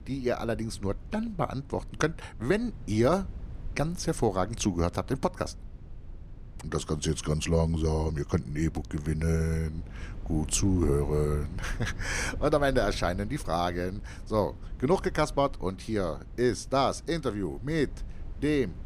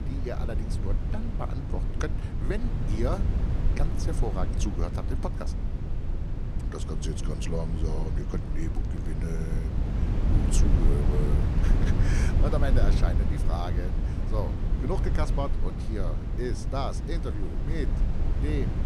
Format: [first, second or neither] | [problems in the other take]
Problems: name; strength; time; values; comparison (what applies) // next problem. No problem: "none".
first | low rumble; loud; throughout; 3 dB below the speech; faint in the first